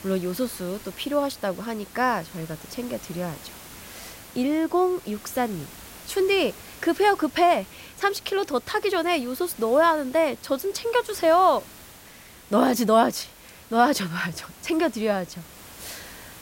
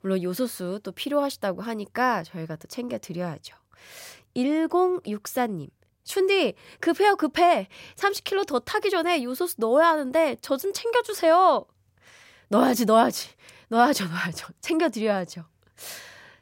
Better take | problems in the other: second | hiss; noticeable; throughout; 20 dB below the speech

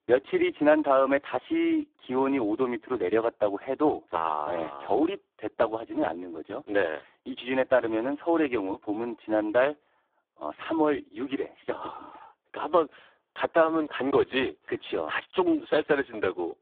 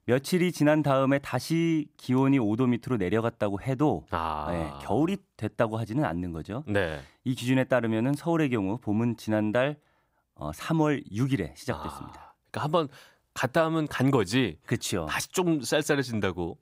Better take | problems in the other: second | phone-call audio; poor line

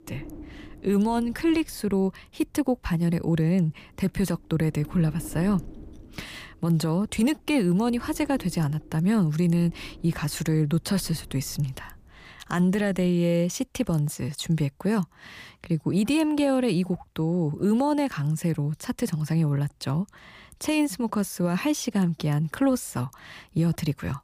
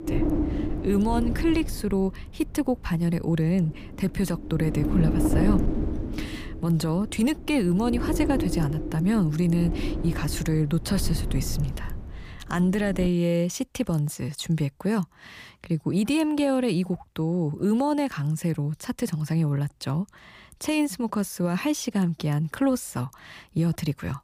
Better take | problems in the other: first | wind noise on the microphone; heavy; until 13 s; 5 dB below the speech; occasional gusts in the first

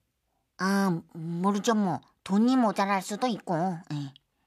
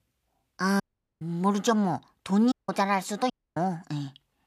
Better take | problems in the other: first | audio cutting out; at 1 s, at 2.5 s and at 3.5 s

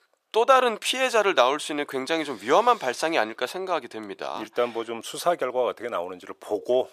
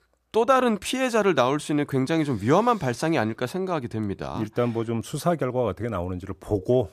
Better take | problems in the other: second | thin; somewhat; fading below 550 Hz

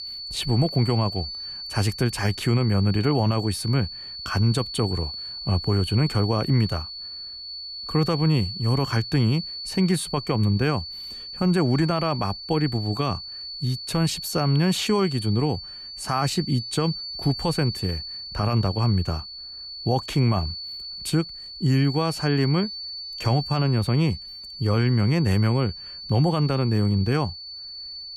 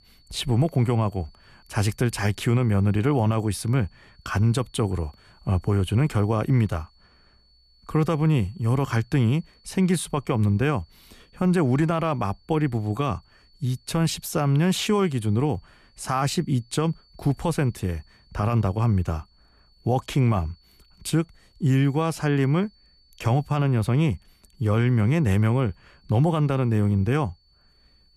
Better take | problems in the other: second | high-pitched whine; loud; throughout; 4.5 kHz, 9 dB below the speech; faint in the second

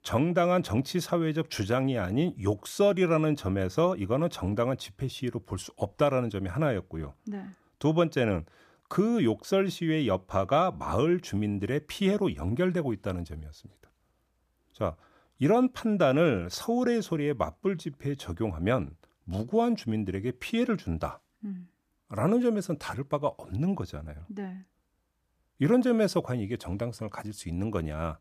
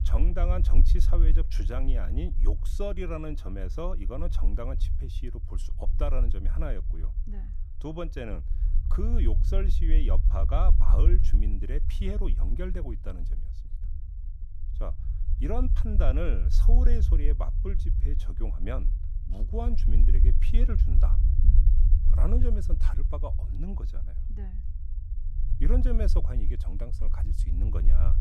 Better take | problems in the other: first | low rumble; loud; throughout; 9 dB below the speech

